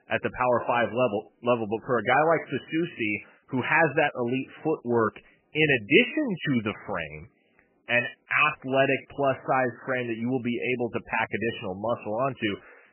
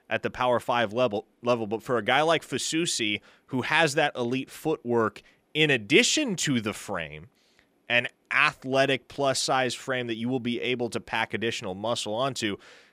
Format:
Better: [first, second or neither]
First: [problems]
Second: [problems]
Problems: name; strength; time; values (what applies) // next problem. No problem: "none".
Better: second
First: garbled, watery; badly; nothing above 3 kHz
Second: none